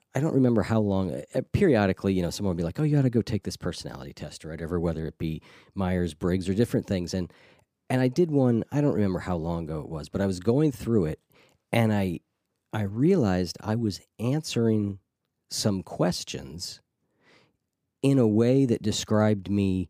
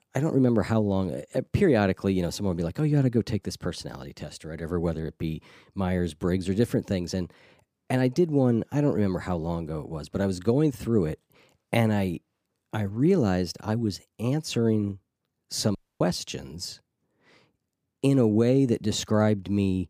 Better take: first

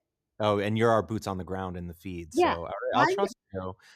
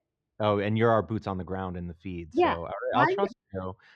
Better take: first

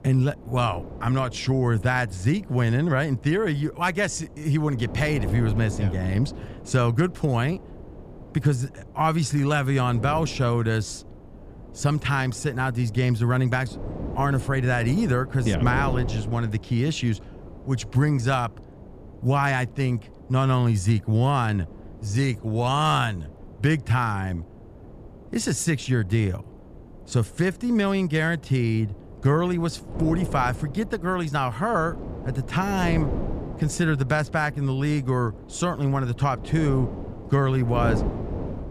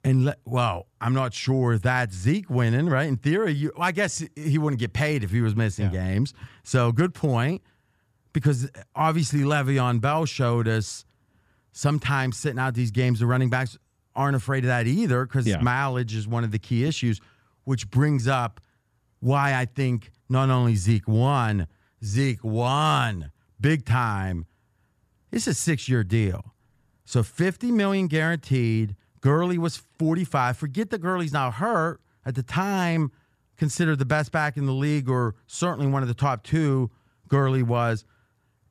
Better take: second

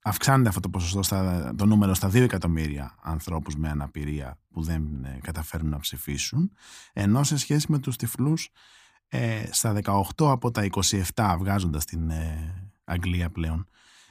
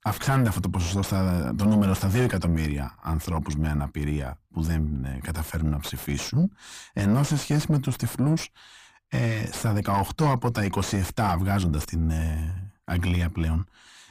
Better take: first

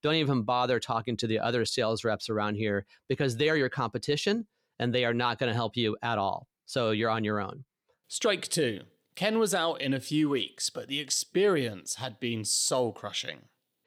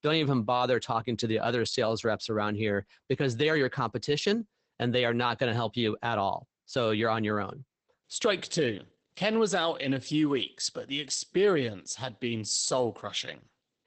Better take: first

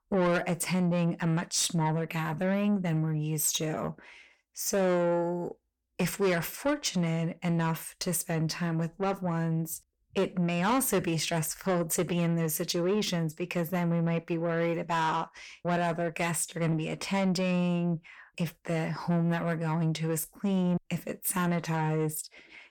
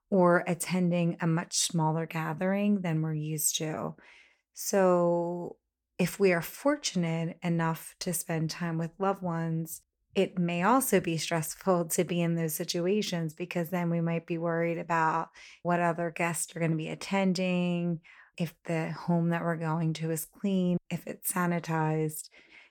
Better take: second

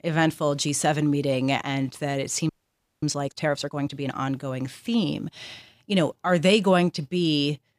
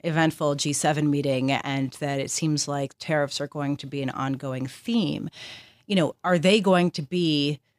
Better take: second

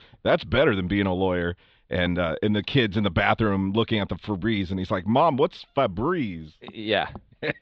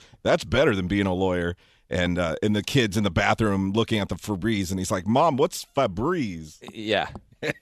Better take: second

